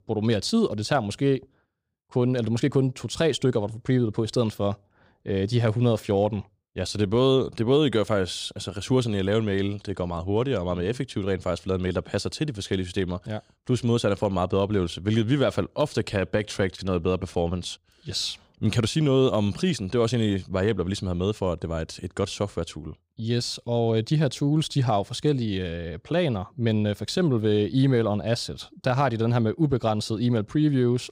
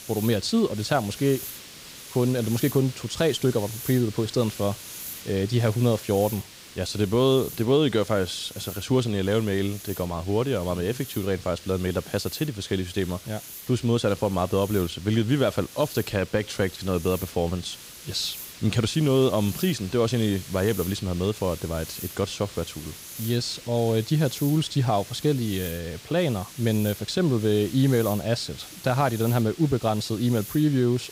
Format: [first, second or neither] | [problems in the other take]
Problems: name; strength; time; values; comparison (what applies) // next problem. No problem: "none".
first | hiss; noticeable; throughout; 15 dB below the speech